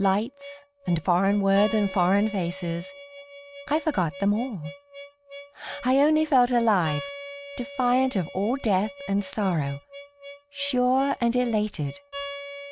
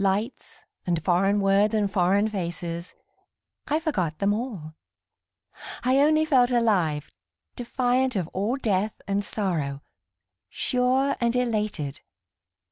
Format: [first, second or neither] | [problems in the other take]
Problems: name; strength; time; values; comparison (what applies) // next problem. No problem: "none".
second | background sound (Harmonica); 15 dB below the speech